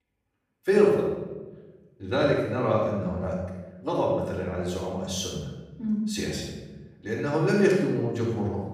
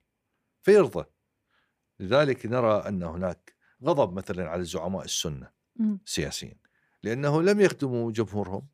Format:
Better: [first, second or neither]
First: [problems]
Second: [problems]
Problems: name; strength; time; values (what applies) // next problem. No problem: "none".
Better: second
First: off-mic speech; far // room echo; noticeable; dies away in 1.1 s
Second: none